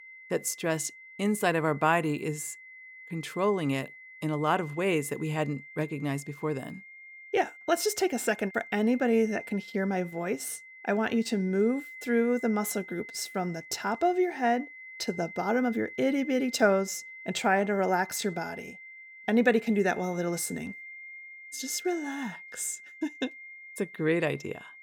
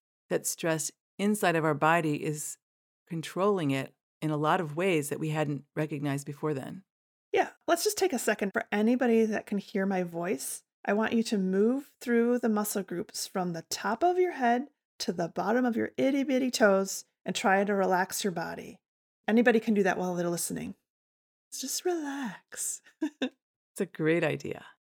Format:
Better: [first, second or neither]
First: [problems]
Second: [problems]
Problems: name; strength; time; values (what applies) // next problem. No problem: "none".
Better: second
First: high-pitched whine; noticeable; throughout; 2 kHz, 15 dB below the speech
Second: none